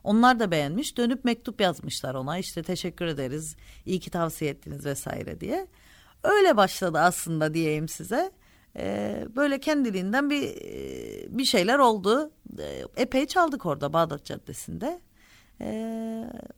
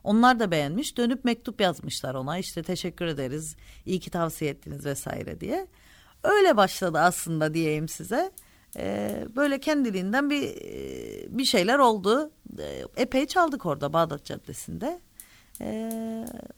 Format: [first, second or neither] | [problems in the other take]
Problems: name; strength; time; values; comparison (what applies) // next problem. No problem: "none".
first | hiss; faint; from 6 s on; 25 dB below the speech